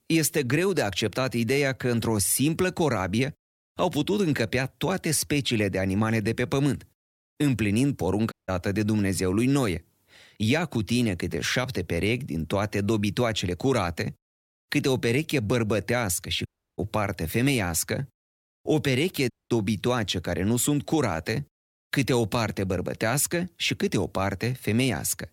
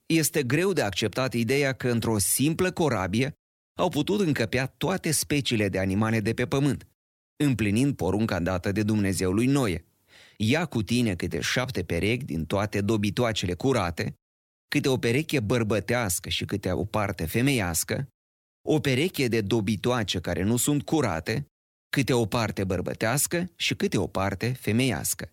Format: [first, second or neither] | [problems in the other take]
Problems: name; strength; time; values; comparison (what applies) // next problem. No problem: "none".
second | audio cutting out; at 8.5 s, at 16 s and at 19 s